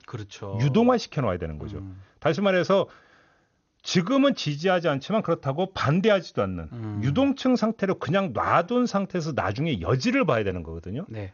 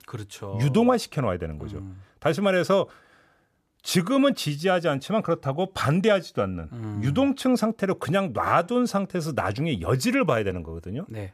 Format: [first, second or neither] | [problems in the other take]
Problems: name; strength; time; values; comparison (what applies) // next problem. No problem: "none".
second | garbled, watery; slightly; nothing above 6.5 kHz